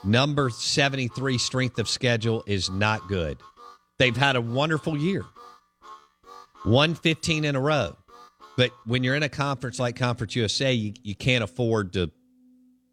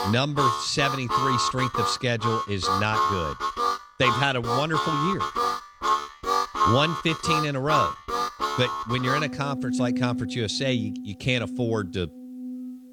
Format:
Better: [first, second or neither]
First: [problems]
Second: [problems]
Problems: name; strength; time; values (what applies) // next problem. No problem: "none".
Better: first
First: background music; faint; throughout; 25 dB below the speech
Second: background music; loud; throughout; as loud as the speech